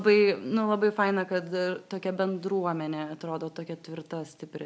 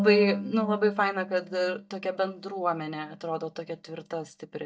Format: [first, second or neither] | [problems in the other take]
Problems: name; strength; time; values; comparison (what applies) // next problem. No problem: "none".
first | noise reduction (neural mask model DeepFilterNet 3)